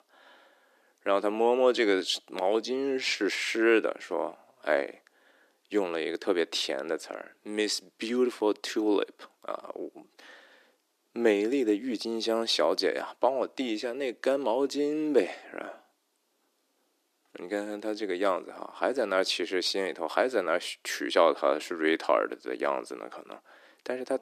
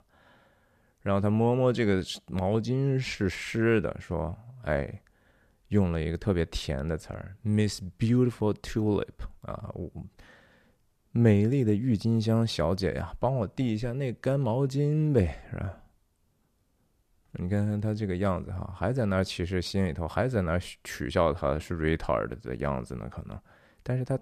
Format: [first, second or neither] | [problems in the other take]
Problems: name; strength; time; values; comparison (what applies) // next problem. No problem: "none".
second | thin; somewhat; fading below 300 Hz